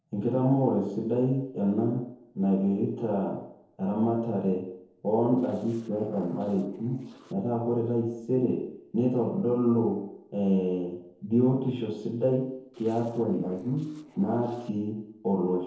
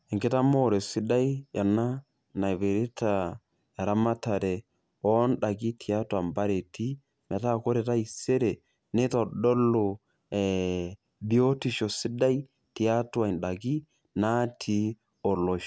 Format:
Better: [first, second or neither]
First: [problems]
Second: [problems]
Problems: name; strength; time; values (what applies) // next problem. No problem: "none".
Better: second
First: noise reduction (neural separator model SepFormer DNS4)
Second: none